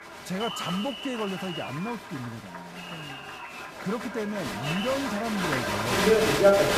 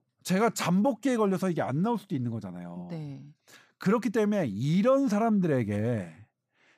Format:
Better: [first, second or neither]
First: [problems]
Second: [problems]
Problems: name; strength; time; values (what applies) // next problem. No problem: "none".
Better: second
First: crowd noise; very loud; throughout; 5 dB above the speech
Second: none